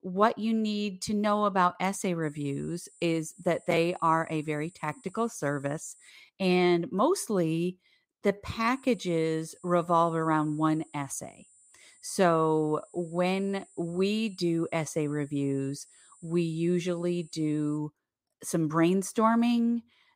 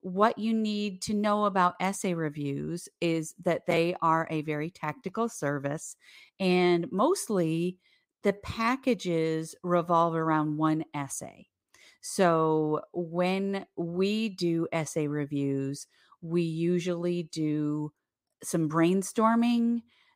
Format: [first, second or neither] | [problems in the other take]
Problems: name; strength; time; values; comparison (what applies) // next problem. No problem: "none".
second | high-pitched whine; faint; from 2 to 6 s and from 8.5 to 18 s; 9 kHz, 25 dB below the speech